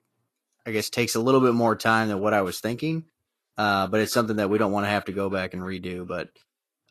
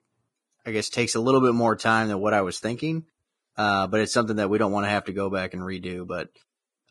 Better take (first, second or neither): first